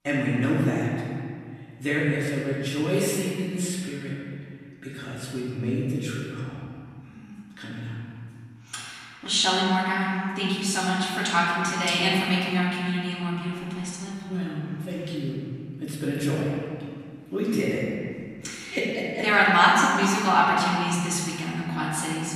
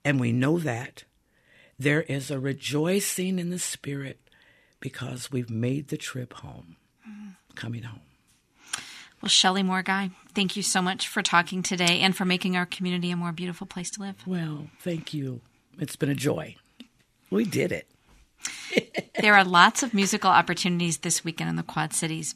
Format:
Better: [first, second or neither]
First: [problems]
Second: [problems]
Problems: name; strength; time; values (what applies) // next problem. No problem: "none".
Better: second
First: off-mic speech; far // room echo; strong; dies away in 2 s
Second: none